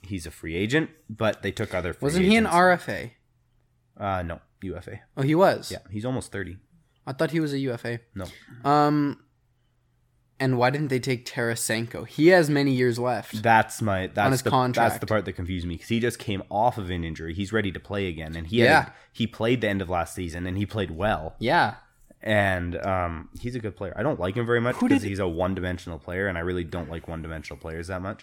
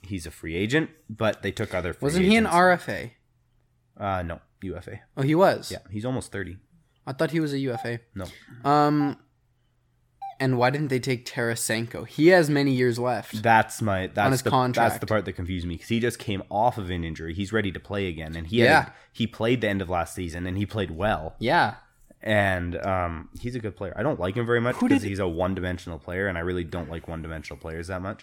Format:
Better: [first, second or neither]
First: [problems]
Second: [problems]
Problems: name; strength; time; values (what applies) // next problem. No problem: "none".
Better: first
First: none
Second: doorbell; faint; from 7.5 to 10 s; peak 15 dB below the speech